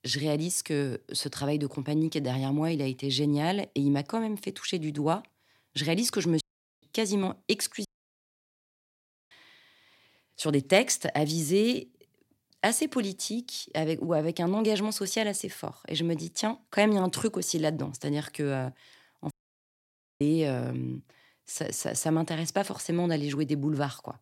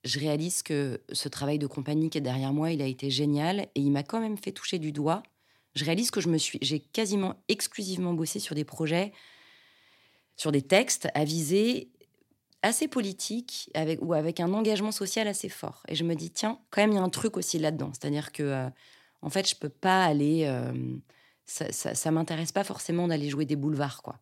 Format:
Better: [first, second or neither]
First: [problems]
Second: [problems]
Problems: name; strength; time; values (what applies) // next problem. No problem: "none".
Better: second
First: audio cutting out; at 6.5 s, at 8 s for 1.5 s and at 19 s for 1 s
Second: none